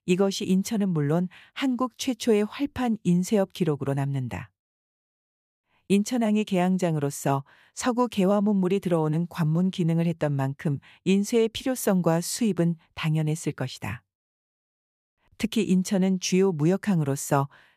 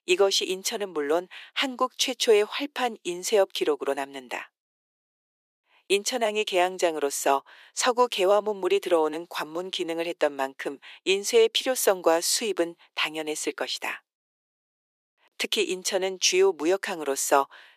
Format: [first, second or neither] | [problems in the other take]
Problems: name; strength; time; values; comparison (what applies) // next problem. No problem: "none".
first | thin; very; fading below 350 Hz